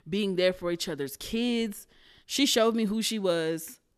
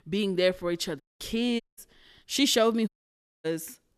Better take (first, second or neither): first